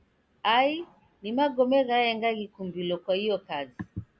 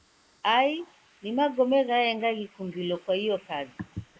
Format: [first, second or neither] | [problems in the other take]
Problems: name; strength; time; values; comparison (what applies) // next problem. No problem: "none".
first | noise reduction (neural mask model Resemble Enhance denoiser)